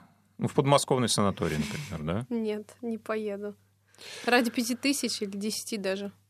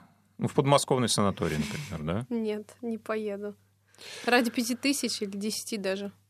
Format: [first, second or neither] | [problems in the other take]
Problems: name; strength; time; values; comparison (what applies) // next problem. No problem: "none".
neither | none